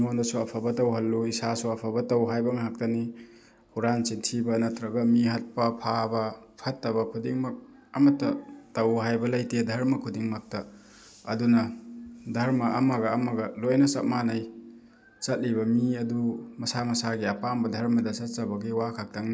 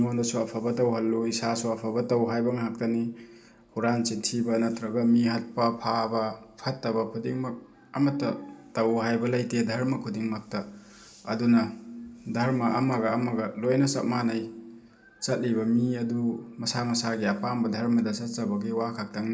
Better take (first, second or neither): first